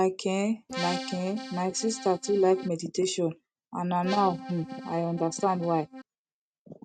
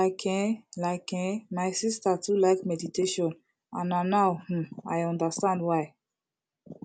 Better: second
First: noise reduction (neural mask model RNNoise)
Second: none

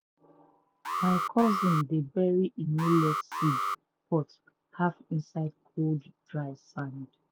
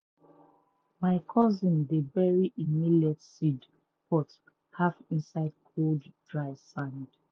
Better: second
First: background sound (Alarm); 3 dB below the speech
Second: none

